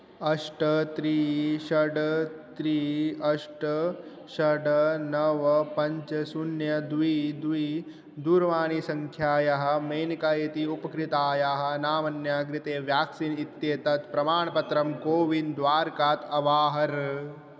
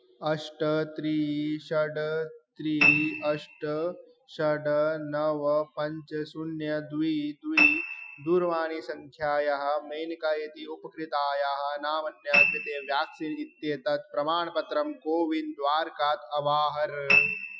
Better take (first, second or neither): first